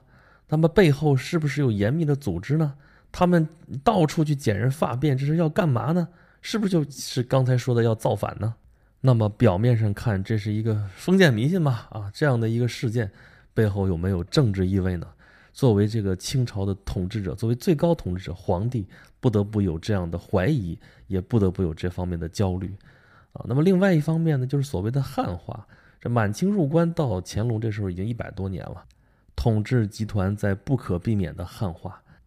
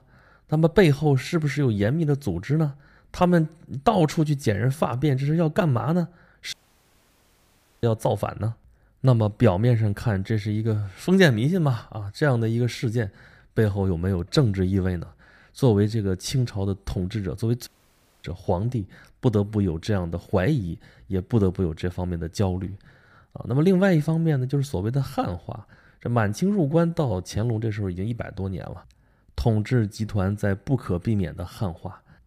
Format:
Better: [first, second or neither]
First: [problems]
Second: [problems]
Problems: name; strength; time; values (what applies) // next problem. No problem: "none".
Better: first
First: none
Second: audio cutting out; at 6.5 s for 1.5 s and at 18 s for 0.5 s